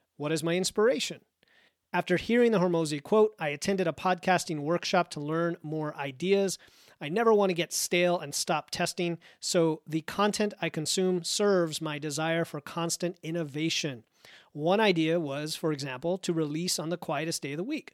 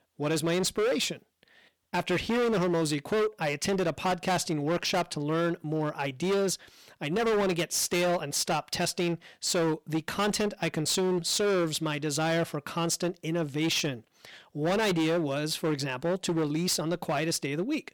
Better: first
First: none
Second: distortion; heavy; 17% of the sound clipped

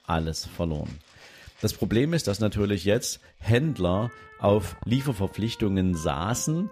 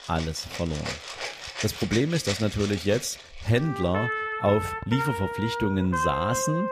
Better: first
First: background music; faint; throughout; 25 dB below the speech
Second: background music; loud; throughout; 5 dB below the speech

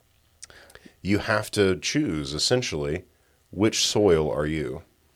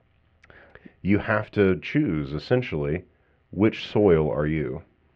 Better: first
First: none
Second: muffled; very; fading above 2.5 kHz

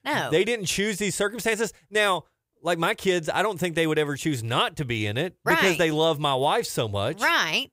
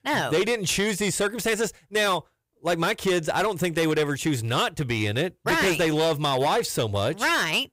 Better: first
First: none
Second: distortion; slight; 11% of the sound clipped

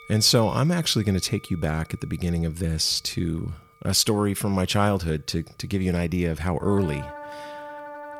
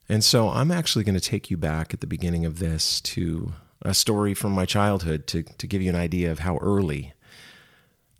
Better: second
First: background music; noticeable; throughout; 20 dB below the speech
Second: none

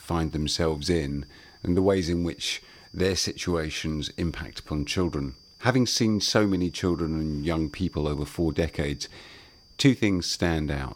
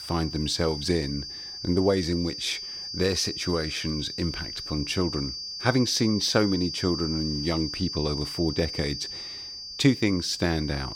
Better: first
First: high-pitched whine; faint; throughout; 4.5 kHz, 25 dB below the speech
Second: high-pitched whine; loud; throughout; 4.5 kHz, 6 dB below the speech

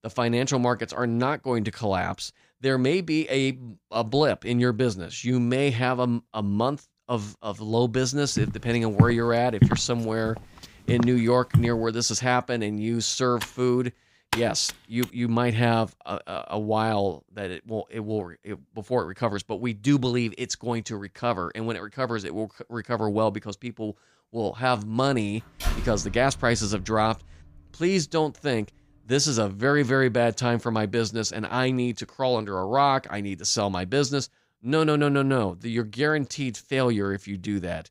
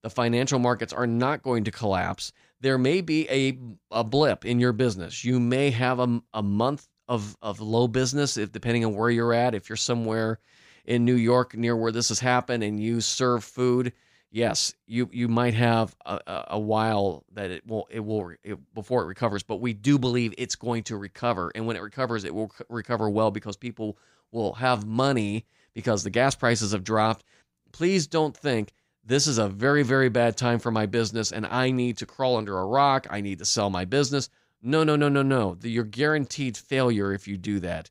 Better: second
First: footsteps; loud; from 8.5 to 12 s; peak 3 dB above the speech // keyboard typing; noticeable; from 13 to 15 s; peak 5 dB below the speech // door banging; noticeable; from 26 to 27 s; peak 6 dB below the speech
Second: none

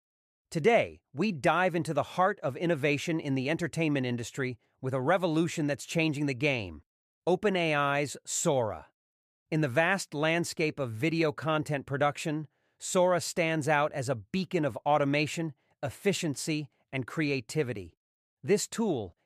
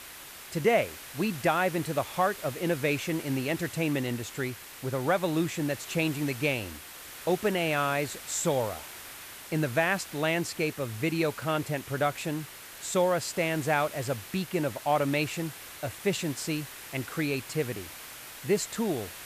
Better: first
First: none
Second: hiss; noticeable; throughout; 10 dB below the speech

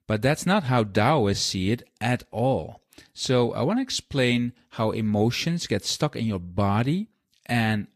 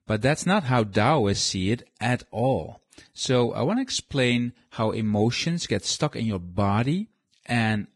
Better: first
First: garbled, watery; slightly; nothing above 14.5 kHz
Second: garbled, watery; badly

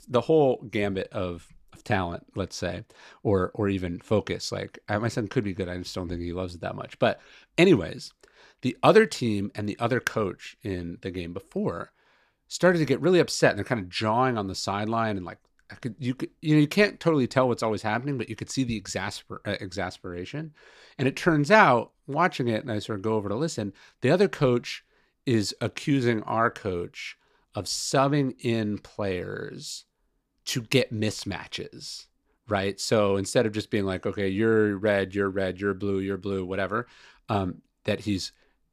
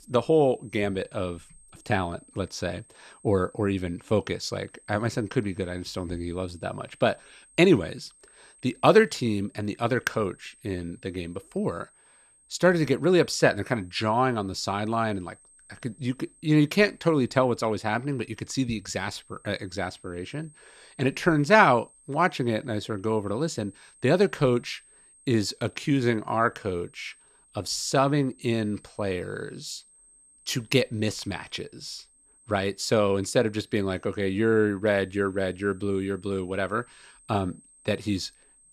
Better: first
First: none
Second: high-pitched whine; faint; throughout; 8.5 kHz, 30 dB below the speech

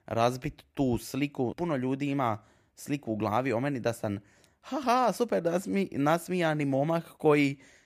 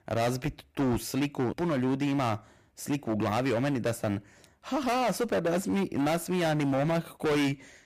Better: first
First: none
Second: distortion; heavy; 20% of the sound clipped

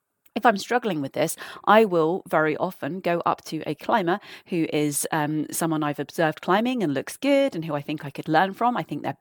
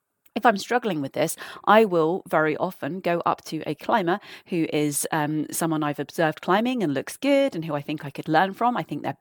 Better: neither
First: none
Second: none

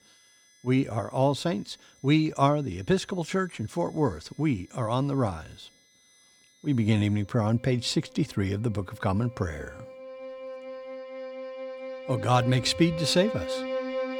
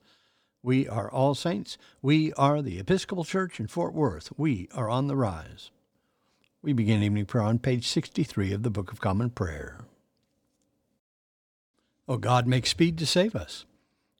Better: second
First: background music; loud; throughout; 9 dB below the speech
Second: none

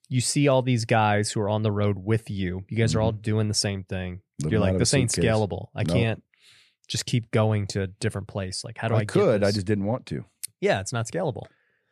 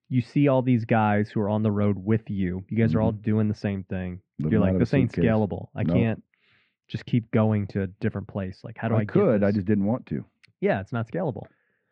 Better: first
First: none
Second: muffled; very; fading above 2.5 kHz

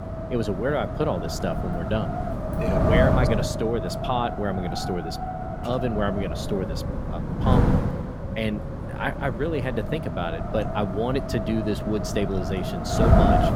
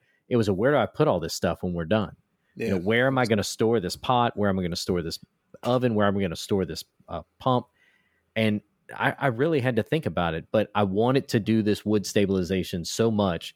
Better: second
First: wind noise on the microphone; heavy; 1 dB below the speech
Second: none

